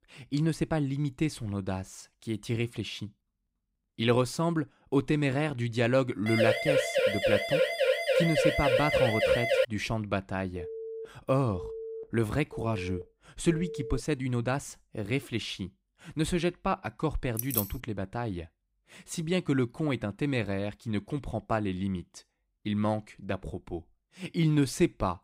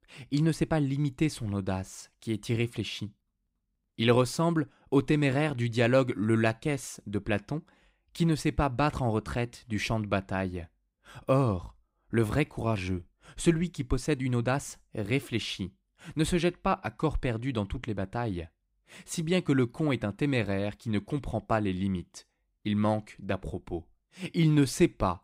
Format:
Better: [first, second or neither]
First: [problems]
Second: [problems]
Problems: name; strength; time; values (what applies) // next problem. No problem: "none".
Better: second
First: siren; loud; from 6.5 to 9.5 s; peak 6 dB above the speech // phone ringing; noticeable; from 11 to 14 s; peak 8 dB below the speech // jangling keys; loud; at 17 s; peak level with the speech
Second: none